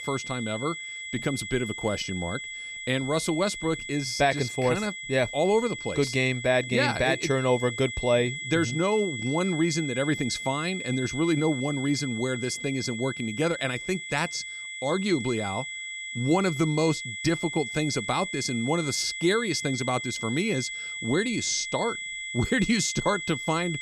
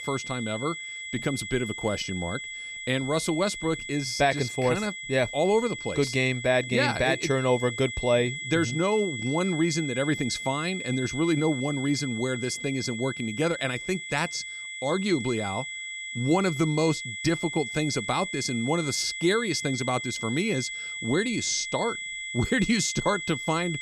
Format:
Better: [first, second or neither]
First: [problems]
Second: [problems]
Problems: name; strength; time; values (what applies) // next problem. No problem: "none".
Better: neither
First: high-pitched whine; loud; throughout; 2 kHz, 7 dB below the speech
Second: high-pitched whine; loud; throughout; 2 kHz, 7 dB below the speech